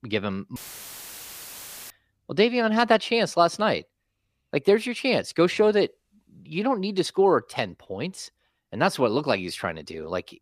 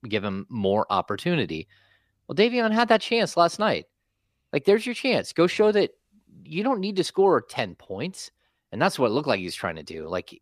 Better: second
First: audio cutting out; filled with static; at 0.5 s for 1.5 s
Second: none

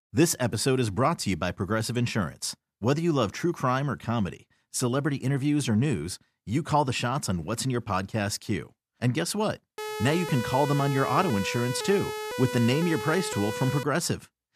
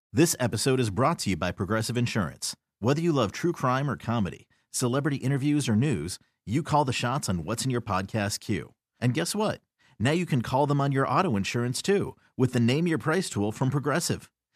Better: second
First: siren; noticeable; from 10 to 14 s; peak 6 dB below the speech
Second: none

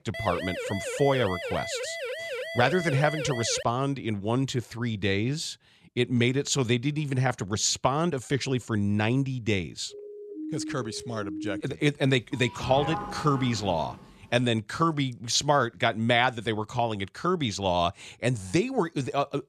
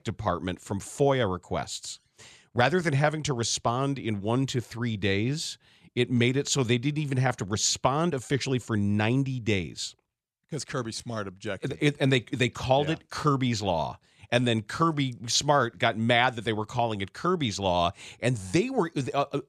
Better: second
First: siren; noticeable; until 3.5 s and from 10 to 12 s; peak 6 dB below the speech // doorbell; noticeable; from 12 to 14 s; peak 6 dB below the speech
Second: none

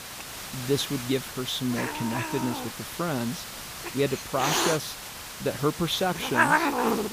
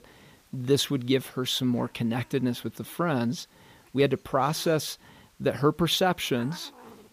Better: second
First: hiss; loud; throughout; as loud as the speech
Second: hiss; faint; throughout; 25 dB below the speech

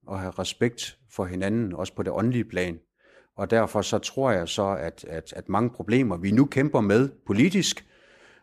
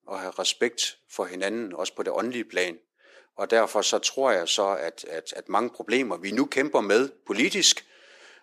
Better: first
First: none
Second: thin; somewhat; fading below 350 Hz

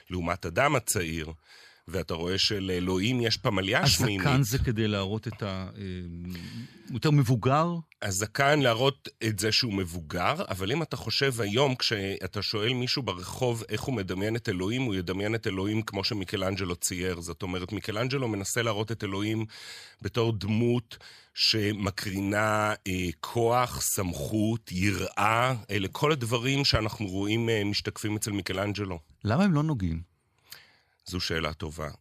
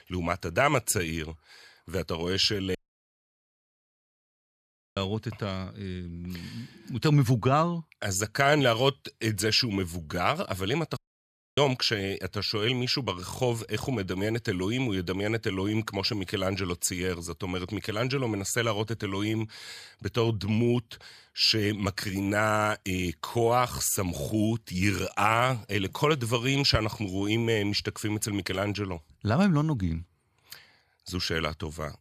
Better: first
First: none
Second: audio cutting out; at 3 s for 2 s and at 11 s for 0.5 s

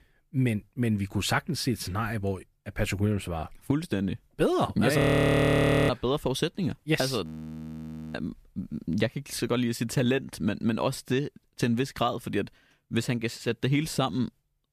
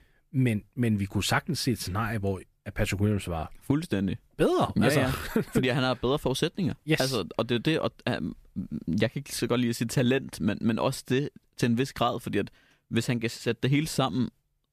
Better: second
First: audio freezing; at 5 s for 1 s and at 7.5 s for 1 s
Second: none

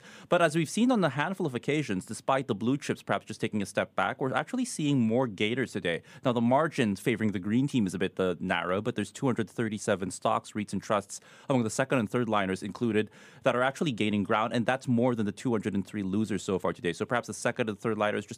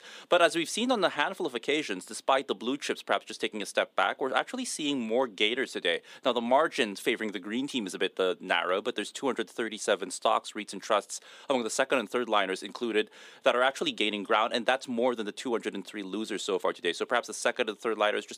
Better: first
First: none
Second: thin; somewhat; fading below 300 Hz

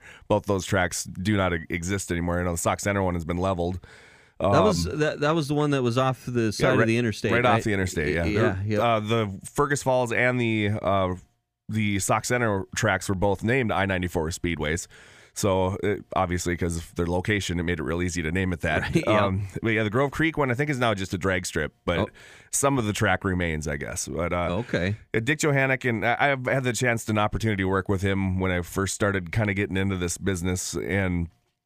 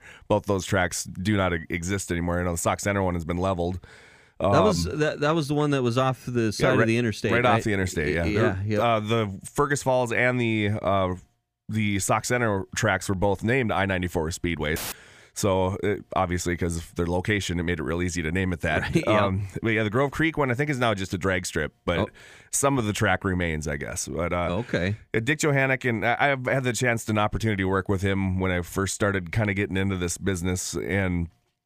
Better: first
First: none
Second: audio cutting out; filled with static; at 15 s

